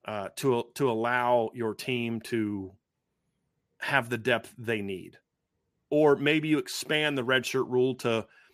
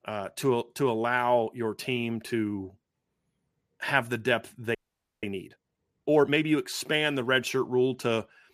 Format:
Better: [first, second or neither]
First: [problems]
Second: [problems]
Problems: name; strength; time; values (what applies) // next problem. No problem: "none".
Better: first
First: none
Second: audio freezing; at 5 s